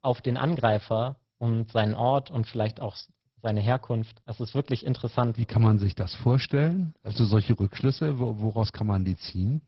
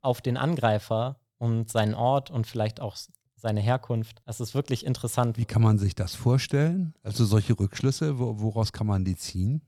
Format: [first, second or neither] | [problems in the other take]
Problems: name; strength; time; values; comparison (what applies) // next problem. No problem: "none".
second | garbled, watery; badly; nothing above 5.5 kHz